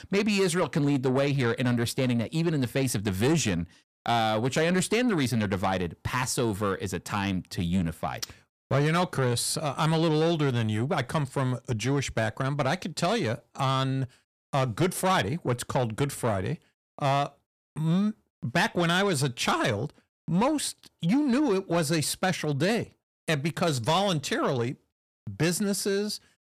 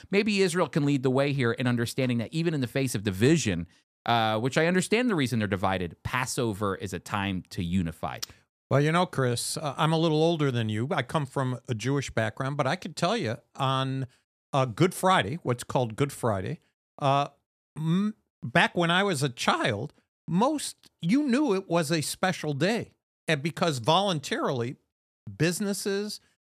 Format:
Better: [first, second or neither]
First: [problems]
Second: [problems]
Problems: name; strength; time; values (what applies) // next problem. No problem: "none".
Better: second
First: distortion; slight; 10 dB below the speech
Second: none